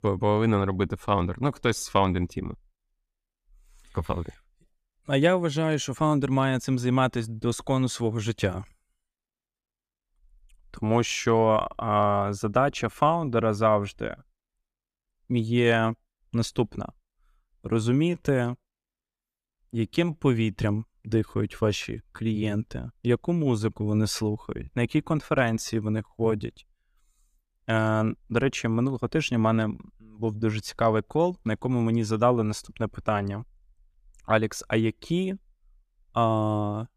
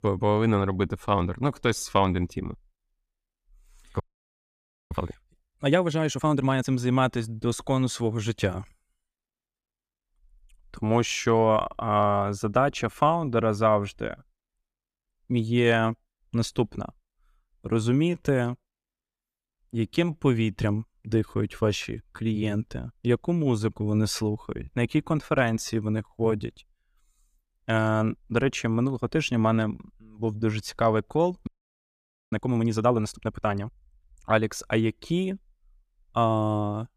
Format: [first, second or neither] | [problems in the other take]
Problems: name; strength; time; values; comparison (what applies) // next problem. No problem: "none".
first | audio freezing; at 4 s for 1 s and at 31 s for 1 s